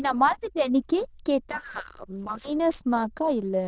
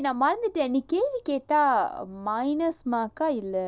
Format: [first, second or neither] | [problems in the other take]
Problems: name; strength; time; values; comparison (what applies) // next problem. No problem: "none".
second | noise reduction (neural diffusion model UNIVERSE++)